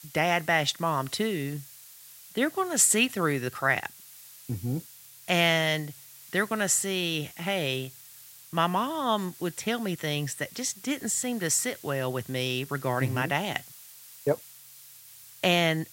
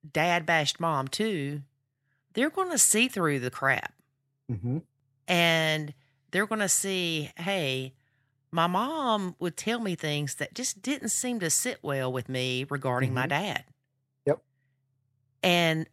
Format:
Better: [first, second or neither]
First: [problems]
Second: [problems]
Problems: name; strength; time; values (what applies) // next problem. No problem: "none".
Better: second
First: hiss; noticeable; throughout; 20 dB below the speech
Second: none